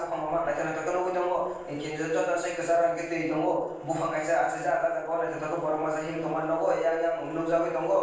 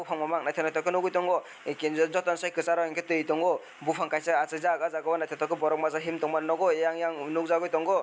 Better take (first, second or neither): second